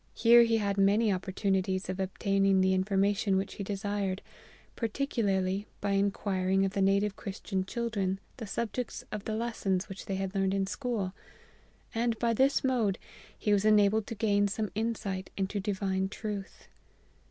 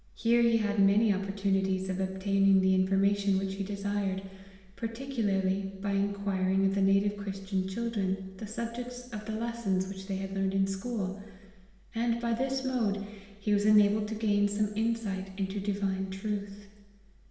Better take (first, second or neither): first